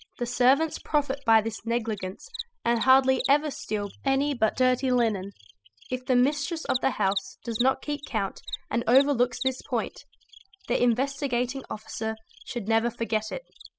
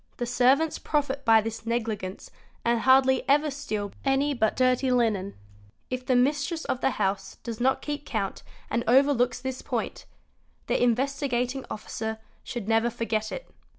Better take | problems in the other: second | noise reduction (classical method spectral subtraction)

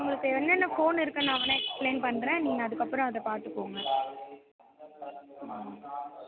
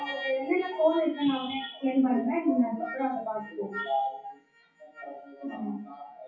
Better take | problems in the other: first | noise reduction (classical method WPE with log-MMSE)

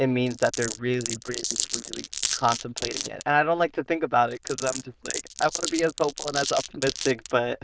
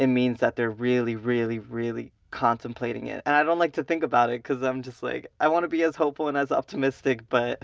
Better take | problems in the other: second | noise reduction (neural diffusion model UNIVERSE++)

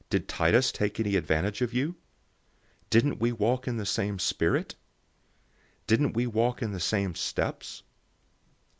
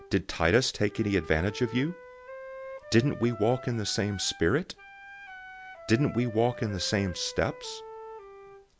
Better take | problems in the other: first | background sound (Wind instrument, woodwind instrument); 16 dB below the speech

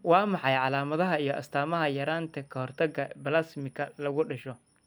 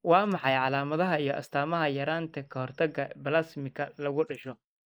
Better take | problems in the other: first | noise reduction (neural mask model Resemble Enhance denoiser)

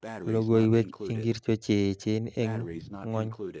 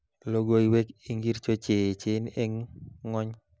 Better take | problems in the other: second | noise reduction (neural mask model RNNoise)

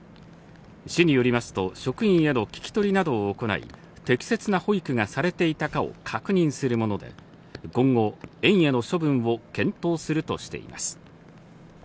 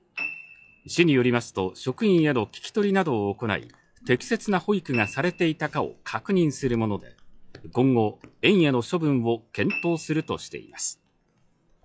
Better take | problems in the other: first | noise reduction (classical method log-MMSE)

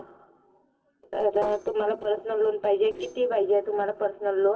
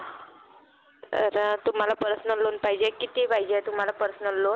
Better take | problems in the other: second | noise reduction (neural separator model SepFormer DNS4)

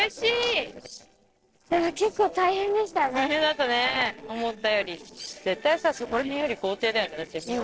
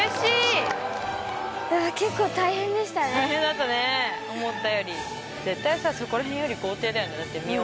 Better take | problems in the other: second | noise reduction (neural separator model SepFormer DNS4)

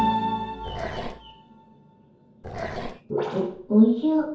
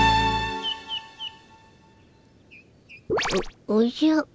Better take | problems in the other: second | background sound (Growling); 10 dB below the speech // room echo; dies away in 0.6 s

